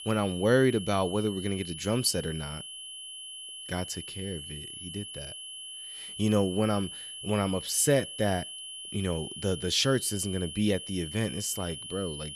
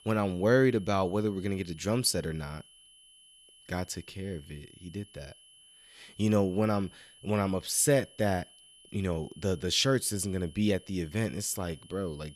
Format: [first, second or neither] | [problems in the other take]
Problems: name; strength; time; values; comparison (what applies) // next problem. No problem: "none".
second | high-pitched whine; loud; throughout; 3 kHz, 10 dB below the speech; faint in the second